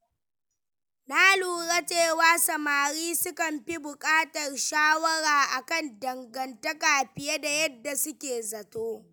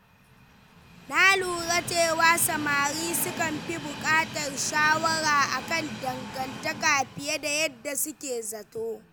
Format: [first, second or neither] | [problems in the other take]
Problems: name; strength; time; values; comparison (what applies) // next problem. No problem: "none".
first | background sound (Train); 12 dB below the speech